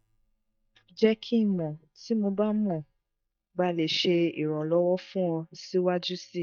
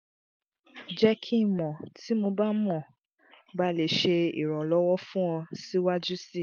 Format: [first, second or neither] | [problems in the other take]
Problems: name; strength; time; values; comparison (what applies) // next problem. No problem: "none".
second | noise reduction (neural mask model DeepFilterNet 3)